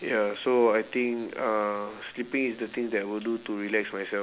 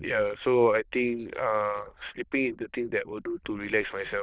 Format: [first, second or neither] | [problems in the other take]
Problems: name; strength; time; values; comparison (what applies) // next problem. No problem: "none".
first | noise reduction (neural diffusion model UNIVERSE++)